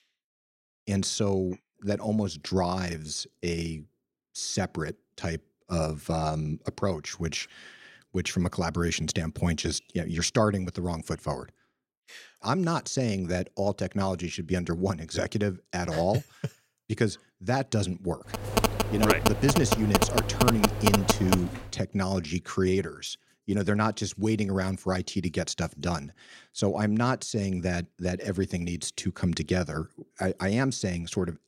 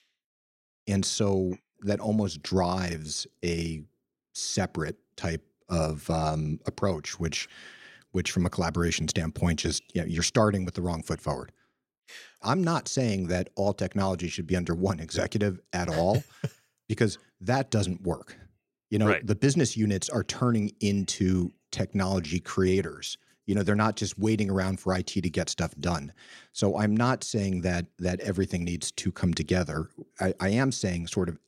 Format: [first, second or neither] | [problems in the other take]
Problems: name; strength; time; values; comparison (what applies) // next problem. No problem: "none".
second | phone ringing; loud; from 18 to 22 s; peak 5 dB above the speech